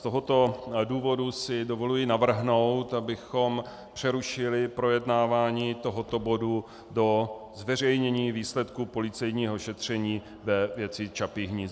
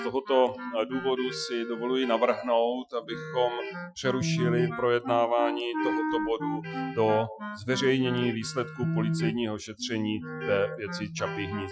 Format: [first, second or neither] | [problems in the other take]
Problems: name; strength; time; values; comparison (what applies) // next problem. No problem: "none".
first | noise reduction (classical method Wiener filter)